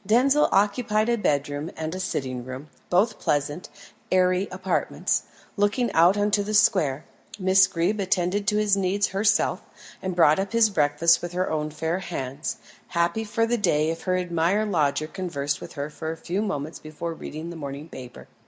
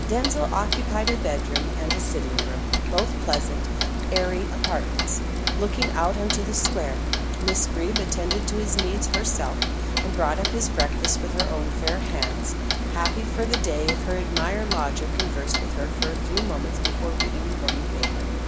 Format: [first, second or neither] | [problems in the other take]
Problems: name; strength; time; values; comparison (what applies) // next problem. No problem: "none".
first | background sound (Clock); 5 dB above the speech